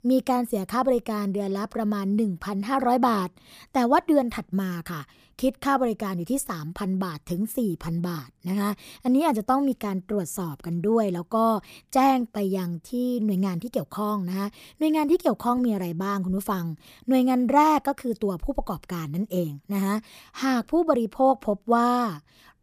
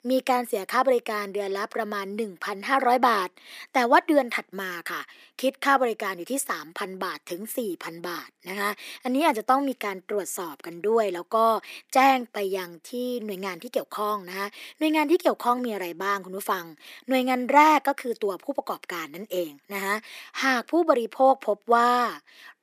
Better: first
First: none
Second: thin; somewhat; fading below 300 Hz

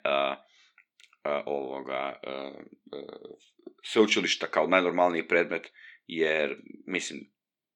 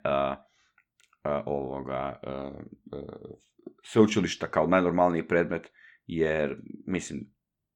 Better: second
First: thin; very slightly; fading below 350 Hz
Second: none

